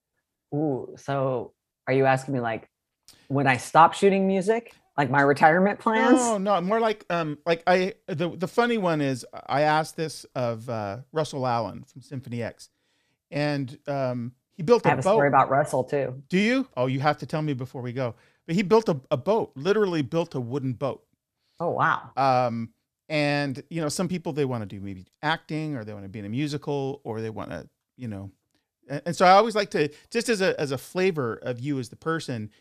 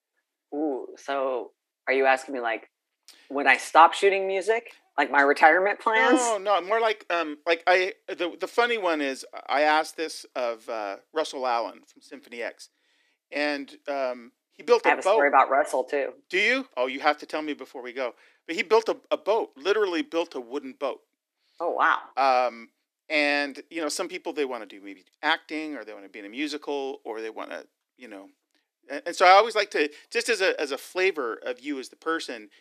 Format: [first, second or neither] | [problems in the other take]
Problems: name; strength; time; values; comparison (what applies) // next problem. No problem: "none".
first | thin; somewhat; fading below 300 Hz